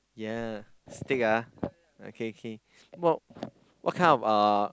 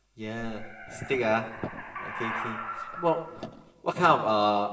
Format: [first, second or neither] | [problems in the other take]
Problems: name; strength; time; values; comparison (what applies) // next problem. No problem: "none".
first | background sound (Animal); 10 dB below the speech // room echo; dies away in 1 s